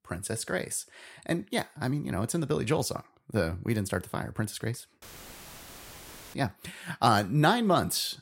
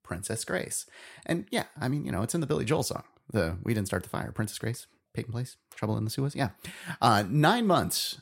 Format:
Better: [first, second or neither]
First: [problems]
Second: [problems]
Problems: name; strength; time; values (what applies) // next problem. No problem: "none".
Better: second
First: audio cutting out; filled with static; at 5 s for 1.5 s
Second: none